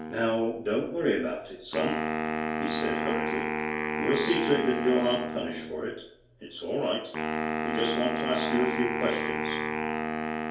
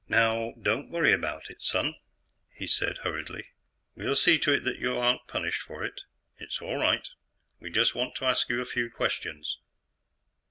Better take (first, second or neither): second